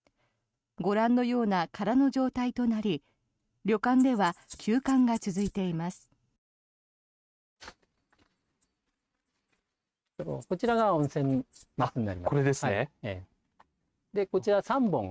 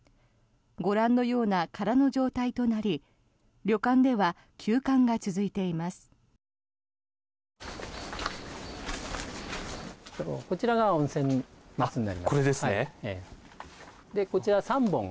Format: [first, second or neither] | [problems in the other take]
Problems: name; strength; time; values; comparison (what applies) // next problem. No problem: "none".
second | noise reduction (neural mask model RNNoise)